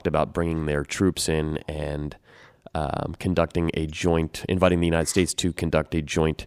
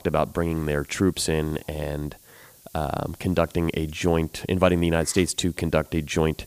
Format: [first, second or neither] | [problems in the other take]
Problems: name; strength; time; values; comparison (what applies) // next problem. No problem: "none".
first | hiss; faint; throughout; 25 dB below the speech